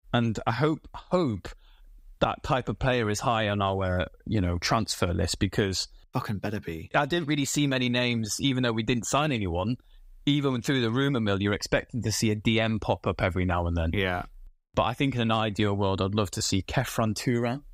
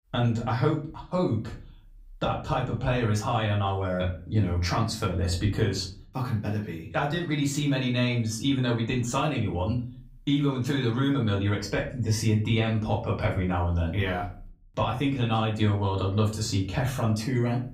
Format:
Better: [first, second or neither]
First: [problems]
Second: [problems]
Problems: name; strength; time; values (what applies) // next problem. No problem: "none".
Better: first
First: none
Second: room echo; slight; dies away in 0.4 s // off-mic speech; far